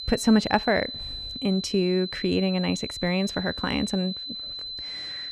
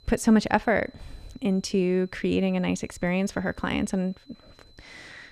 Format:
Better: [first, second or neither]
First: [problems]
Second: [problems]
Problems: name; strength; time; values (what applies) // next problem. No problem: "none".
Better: second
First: high-pitched whine; loud; throughout; 4 kHz, 7 dB below the speech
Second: high-pitched whine; faint; throughout; 4 kHz, 30 dB below the speech